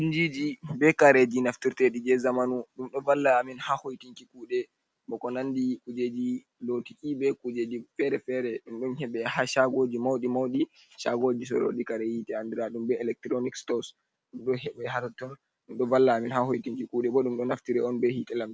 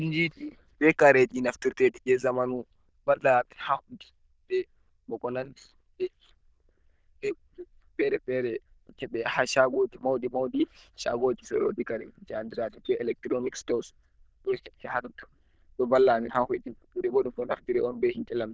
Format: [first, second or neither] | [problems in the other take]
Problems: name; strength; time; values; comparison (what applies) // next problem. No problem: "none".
first | noise reduction (neural diffusion model UNIVERSE++)